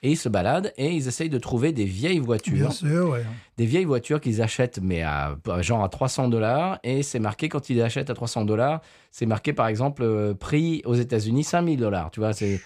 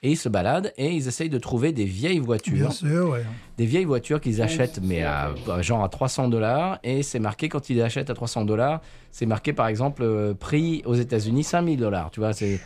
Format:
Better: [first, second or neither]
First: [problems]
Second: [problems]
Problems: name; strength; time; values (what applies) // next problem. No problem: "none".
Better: first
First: none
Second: footsteps; noticeable; from 3.5 s on; peak 7 dB below the speech